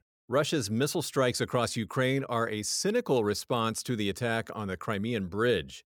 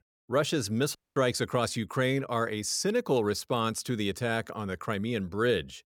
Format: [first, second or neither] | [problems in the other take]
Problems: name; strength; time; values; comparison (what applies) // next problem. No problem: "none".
first | audio cutting out; at 1 s